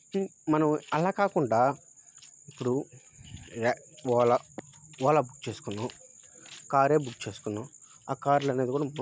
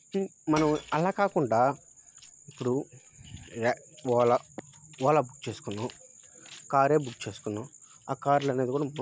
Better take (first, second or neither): first